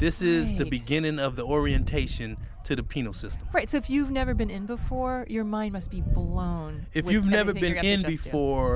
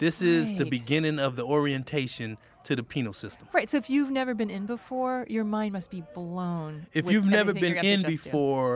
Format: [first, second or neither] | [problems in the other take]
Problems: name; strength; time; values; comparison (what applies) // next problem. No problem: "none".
second | background sound (Wind); 4 dB below the speech